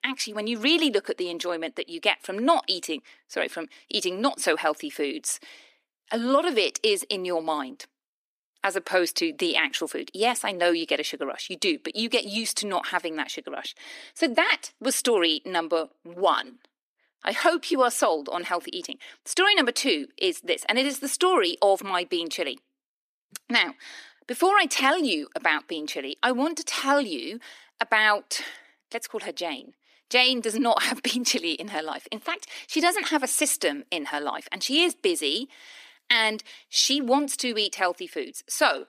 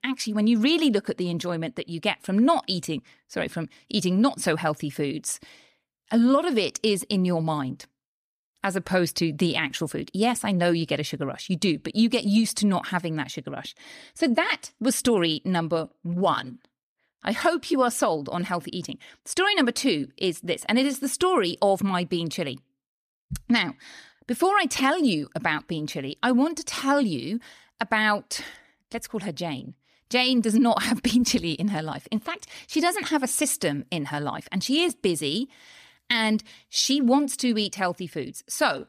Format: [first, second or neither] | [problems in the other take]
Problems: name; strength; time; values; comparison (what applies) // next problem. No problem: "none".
second | thin; somewhat; fading below 300 Hz